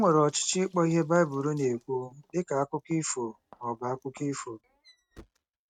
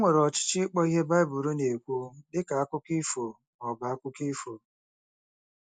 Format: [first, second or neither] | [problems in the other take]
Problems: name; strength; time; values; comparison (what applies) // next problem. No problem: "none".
second | noise reduction (neural mask model RNNoise)